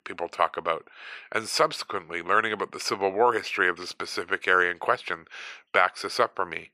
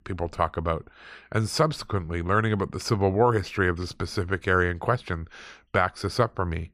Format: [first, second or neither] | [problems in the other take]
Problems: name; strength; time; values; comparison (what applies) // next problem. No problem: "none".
second | thin; very; fading below 450 Hz